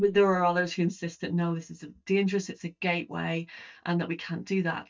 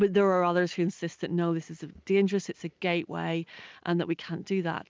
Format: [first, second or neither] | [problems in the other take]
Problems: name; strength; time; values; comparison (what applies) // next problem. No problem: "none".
second | noise reduction (neural mask model DeepFilterNet 3)